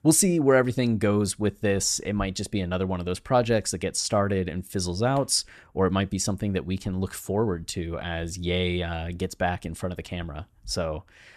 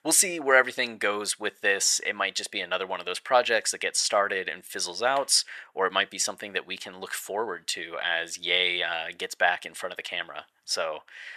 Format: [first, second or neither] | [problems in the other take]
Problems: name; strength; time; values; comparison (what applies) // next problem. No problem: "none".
first | thin; very; fading below 700 Hz